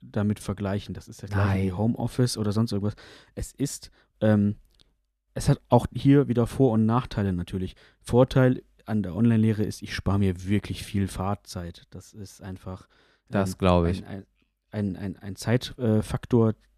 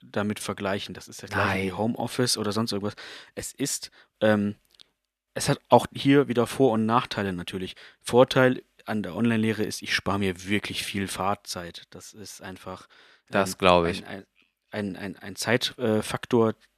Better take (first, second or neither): first